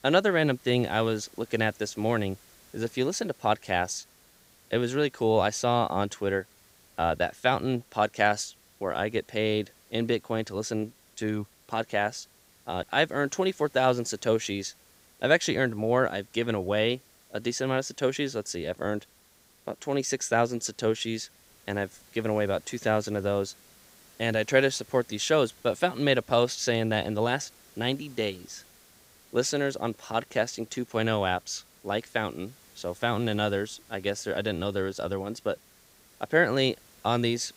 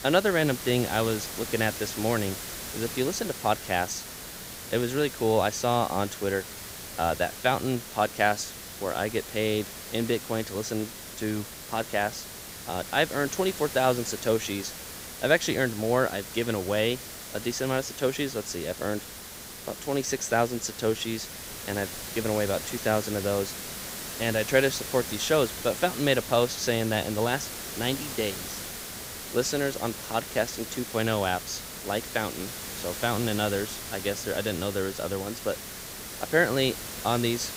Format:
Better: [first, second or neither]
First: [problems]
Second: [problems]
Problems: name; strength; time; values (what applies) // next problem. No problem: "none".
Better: first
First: hiss; faint; throughout; 25 dB below the speech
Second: hiss; loud; throughout; 8 dB below the speech